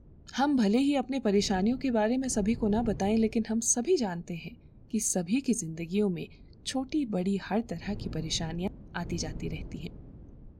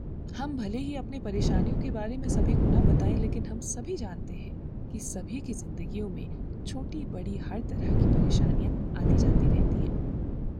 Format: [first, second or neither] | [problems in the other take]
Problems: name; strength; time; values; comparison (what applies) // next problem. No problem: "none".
first | wind noise on the microphone; heavy; 3 dB above the speech; occasional gusts in the first